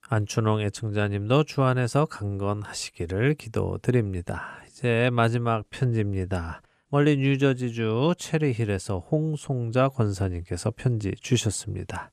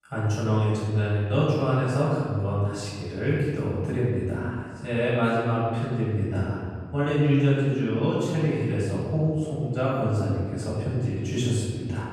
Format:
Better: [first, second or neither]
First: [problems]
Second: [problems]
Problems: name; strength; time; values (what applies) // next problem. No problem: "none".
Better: first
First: none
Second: room echo; strong; dies away in 1.8 s // off-mic speech; far